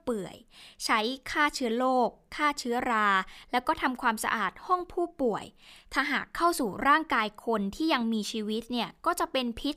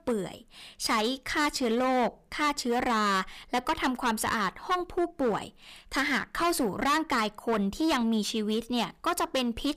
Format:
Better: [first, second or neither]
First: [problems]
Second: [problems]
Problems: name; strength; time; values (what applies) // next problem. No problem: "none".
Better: first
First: none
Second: distortion; heavy; 13% of the sound clipped